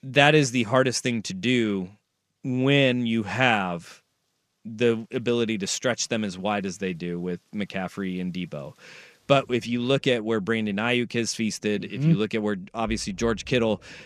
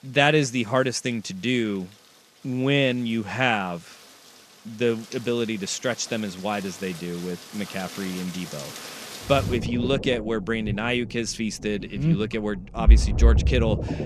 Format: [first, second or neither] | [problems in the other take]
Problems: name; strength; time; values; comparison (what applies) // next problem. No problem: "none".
first | rain or running water; loud; throughout; 2 dB below the speech; faint in the first